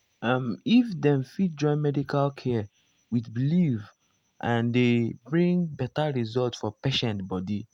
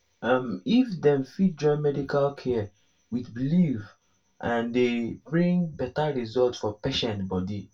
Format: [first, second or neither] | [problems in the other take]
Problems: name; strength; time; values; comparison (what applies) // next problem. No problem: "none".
first | room echo; dies away in 0.2 s